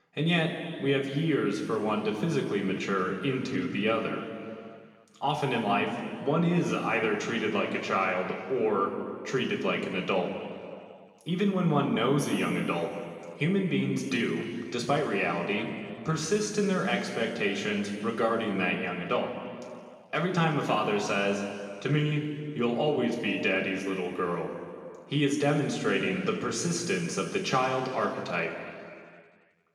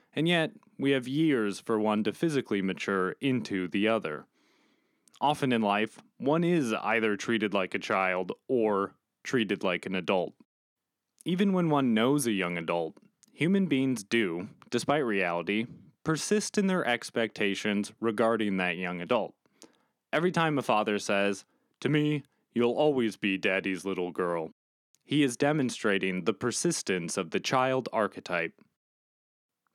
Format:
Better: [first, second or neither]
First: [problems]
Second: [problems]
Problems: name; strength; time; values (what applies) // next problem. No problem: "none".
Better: second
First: room echo; noticeable; dies away in 2.3 s // off-mic speech; far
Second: none